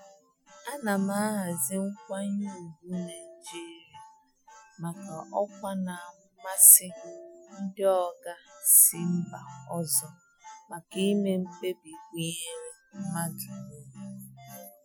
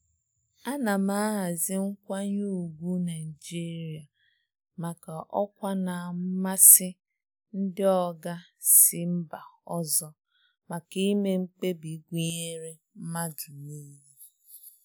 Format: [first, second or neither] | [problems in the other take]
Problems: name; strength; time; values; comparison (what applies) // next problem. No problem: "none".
second | noise reduction (classical method Wiener filter)